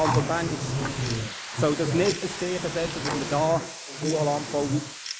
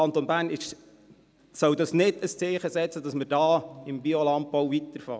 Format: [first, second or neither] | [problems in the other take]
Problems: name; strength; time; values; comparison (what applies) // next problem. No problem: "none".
second | noise reduction (neural mask model Resemble Enhance denoiser)